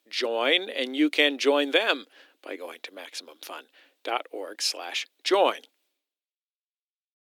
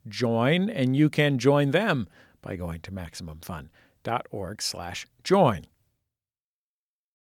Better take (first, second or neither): second